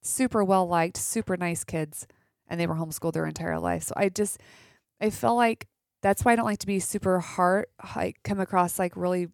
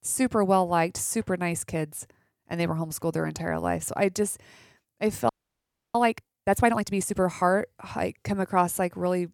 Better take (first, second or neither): first